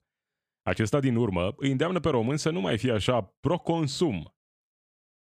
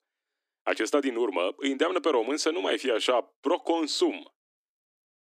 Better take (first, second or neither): first